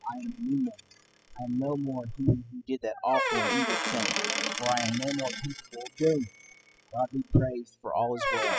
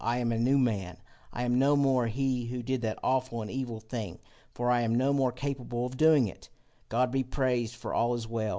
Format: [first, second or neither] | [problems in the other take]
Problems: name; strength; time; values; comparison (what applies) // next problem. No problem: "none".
second | noise reduction (classical method spectral subtraction)